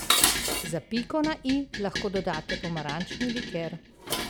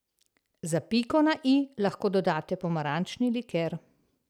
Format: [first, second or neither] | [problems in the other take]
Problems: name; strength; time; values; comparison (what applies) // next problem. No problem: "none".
second | background sound (Dishes, pots, and pans); 1 dB above the speech